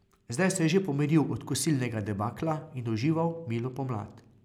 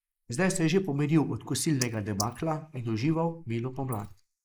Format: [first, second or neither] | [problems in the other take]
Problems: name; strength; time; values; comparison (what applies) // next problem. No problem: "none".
first | noise reduction (neural mask model Resemble Enhance denoiser)